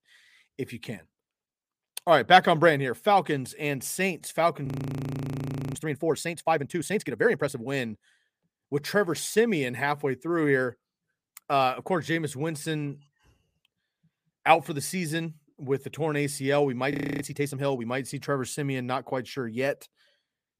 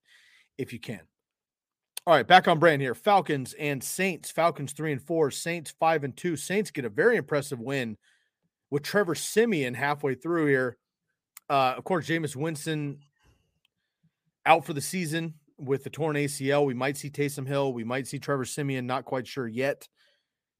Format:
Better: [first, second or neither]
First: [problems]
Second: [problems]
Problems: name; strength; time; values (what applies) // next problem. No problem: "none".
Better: second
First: audio freezing; at 4.5 s for 1 s and at 17 s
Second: none